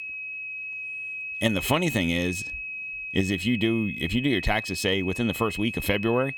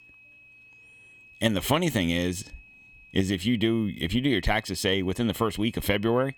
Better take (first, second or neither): second